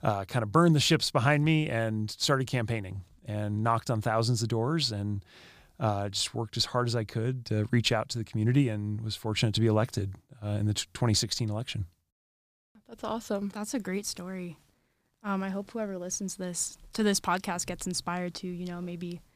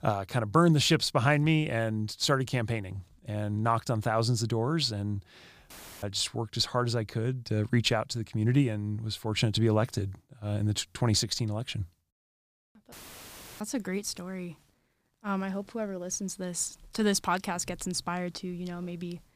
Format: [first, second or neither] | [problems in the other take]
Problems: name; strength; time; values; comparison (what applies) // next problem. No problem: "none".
first | audio cutting out; filled with static; at 5.5 s and at 13 s for 0.5 s